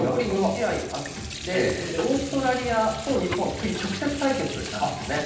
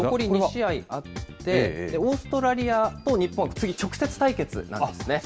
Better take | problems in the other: second | background sound (Sink (filling or washing) / Water tap, faucet); 12 dB below the speech // room echo; dies away in 0.9 s

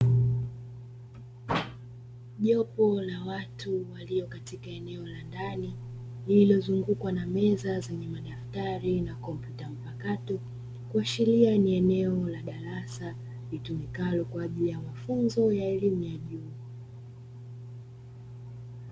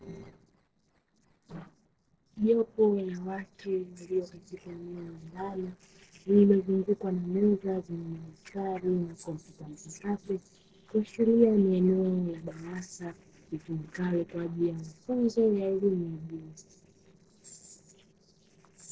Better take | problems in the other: first | noise reduction (neural separator model SepFormer DNS4)

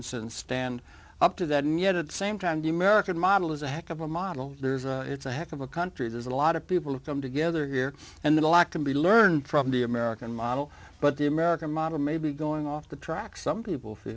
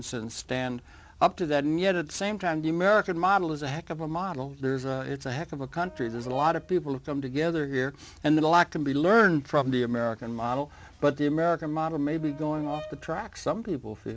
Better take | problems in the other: first | background sound (Brass instrument); 18 dB below the speech

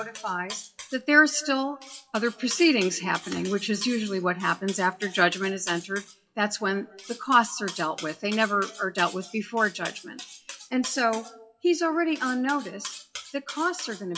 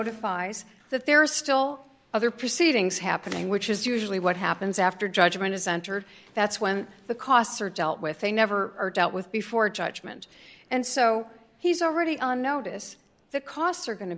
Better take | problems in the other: second | noise reduction (classical method WPE with log-MMSE)

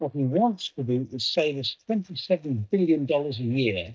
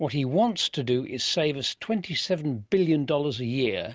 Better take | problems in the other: second | noise reduction (neural mask model DeepFilterNet 3)

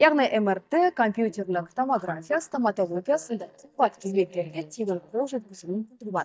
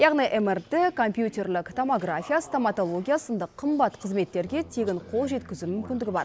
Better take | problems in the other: second | noise reduction (neural mask model DeepFilterNet 3)

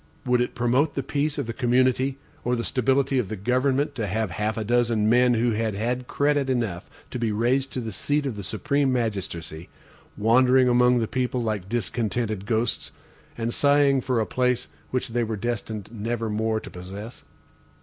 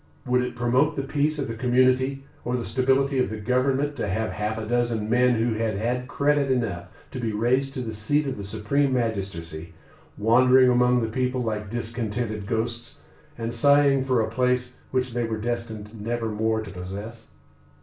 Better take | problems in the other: first | room echo; dies away in 0.3 s

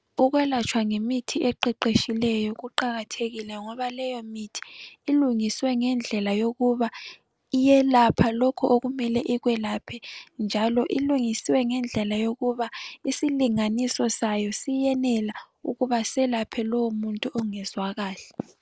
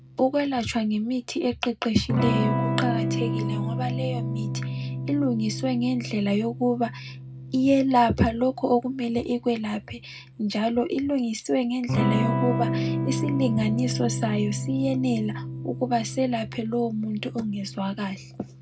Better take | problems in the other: first | background sound (Electric guitar / Strum); 4 dB below the speech // room echo; dies away in 0.2 s

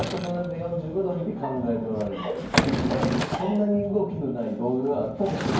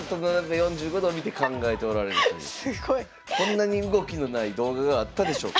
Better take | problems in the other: second | background sound (Sliding door / Wood); 4 dB below the speech // room echo; dies away in 0.9 s

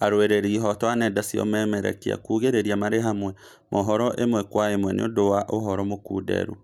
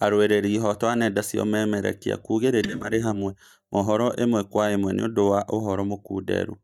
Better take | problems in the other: first | noise reduction (neural mask model DeepFilterNet 3)

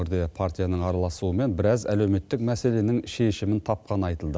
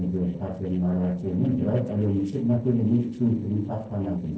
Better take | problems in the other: first | noise reduction (neural separator model SepFormer DNS4)

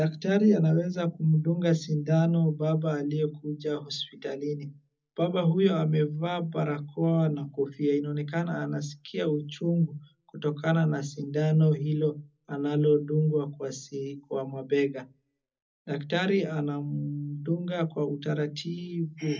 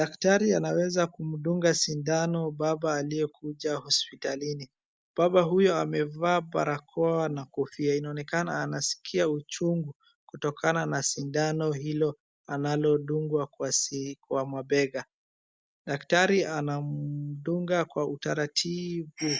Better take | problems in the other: second | room echo; dies away in 0.4 s

